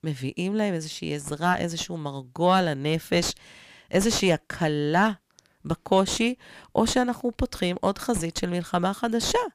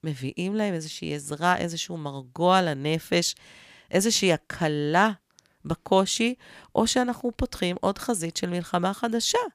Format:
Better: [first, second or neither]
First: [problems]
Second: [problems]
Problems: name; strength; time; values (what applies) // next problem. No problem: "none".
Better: second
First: distortion; slight; 9 dB below the speech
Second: none